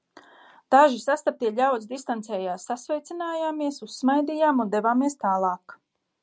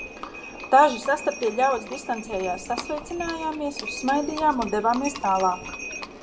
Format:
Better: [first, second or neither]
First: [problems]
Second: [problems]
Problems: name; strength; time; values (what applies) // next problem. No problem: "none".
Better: first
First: none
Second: background sound (Livestock, farm animals, working animals); 12 dB below the speech // room echo; dies away in 0.5 s